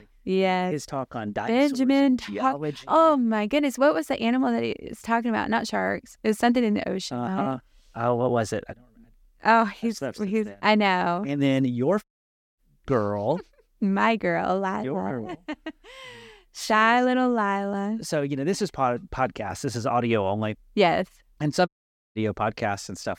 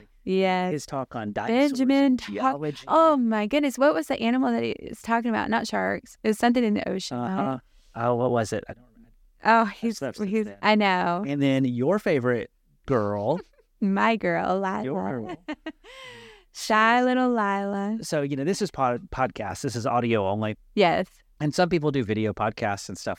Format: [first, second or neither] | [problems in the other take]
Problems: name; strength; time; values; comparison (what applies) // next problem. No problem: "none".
second | audio cutting out; at 12 s for 0.5 s and at 22 s